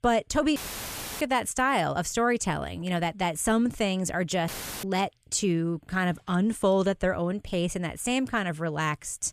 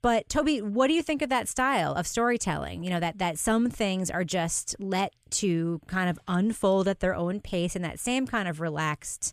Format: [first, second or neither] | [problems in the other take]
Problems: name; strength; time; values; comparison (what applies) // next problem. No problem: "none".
second | audio cutting out; filled with static; at 0.5 s for 0.5 s and at 4.5 s